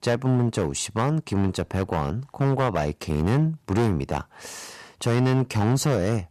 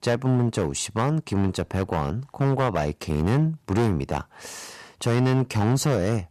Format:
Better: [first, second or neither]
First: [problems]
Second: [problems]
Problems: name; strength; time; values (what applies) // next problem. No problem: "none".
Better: neither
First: distortion; slight; 11% of the sound clipped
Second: distortion; slight; 11% of the sound clipped